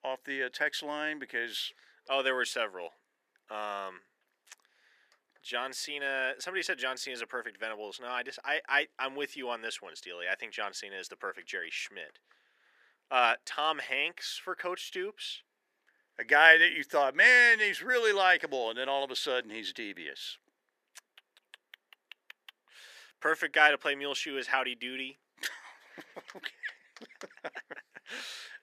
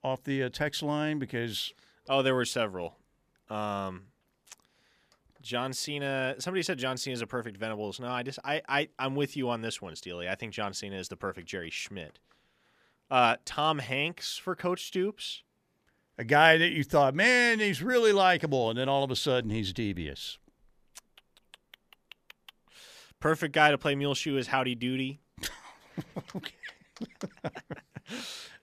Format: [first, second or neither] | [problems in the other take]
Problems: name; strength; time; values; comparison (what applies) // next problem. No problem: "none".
second | thin; very; fading below 350 Hz